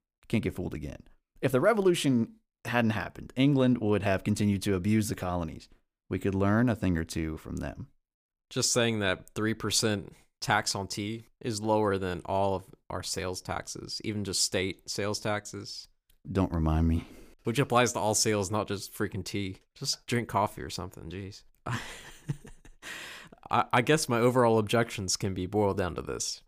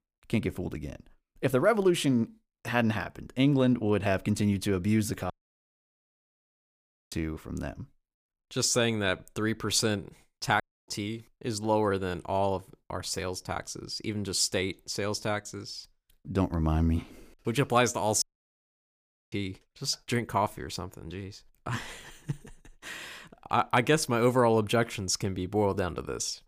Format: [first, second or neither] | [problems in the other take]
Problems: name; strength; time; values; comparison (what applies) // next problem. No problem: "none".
first | audio cutting out; at 5.5 s for 2 s, at 11 s and at 18 s for 1 s